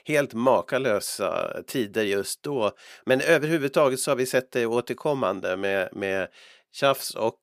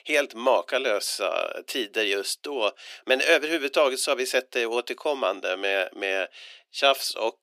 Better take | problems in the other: first | thin; somewhat; fading below 300 Hz

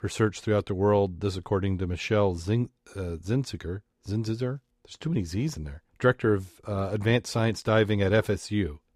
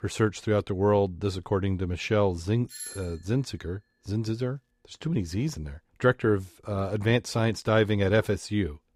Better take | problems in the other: first | doorbell; faint; at 2.5 s; peak 10 dB below the speech

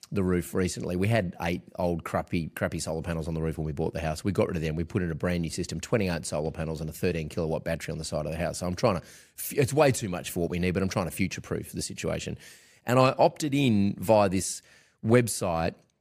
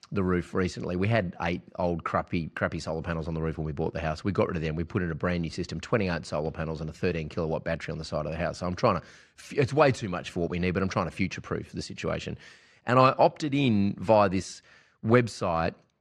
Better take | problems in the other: first | muffled; very slightly; fading above 5.5 kHz

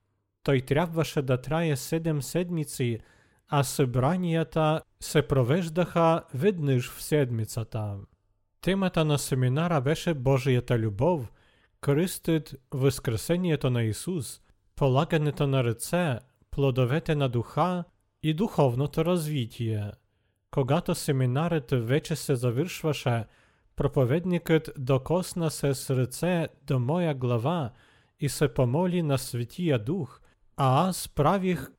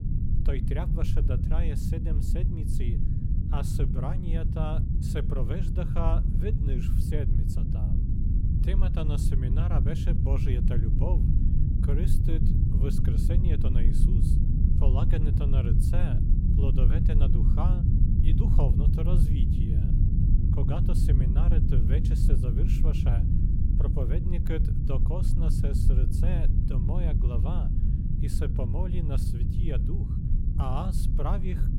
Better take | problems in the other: first | low rumble; loud; throughout; as loud as the speech

